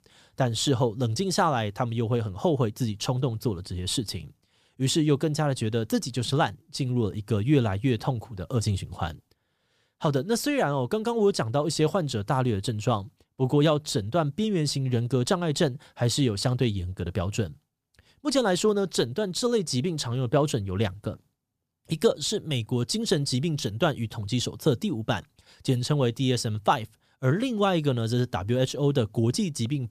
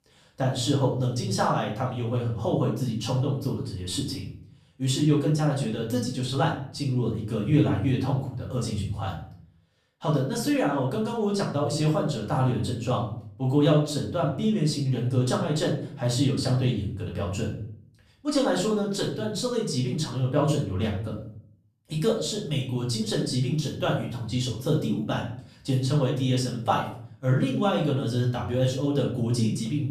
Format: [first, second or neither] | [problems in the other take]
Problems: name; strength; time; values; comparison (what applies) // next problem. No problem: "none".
first | off-mic speech; far // room echo; slight; dies away in 0.5 s